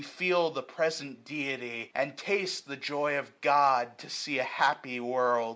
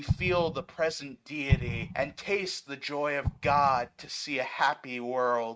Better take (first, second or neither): first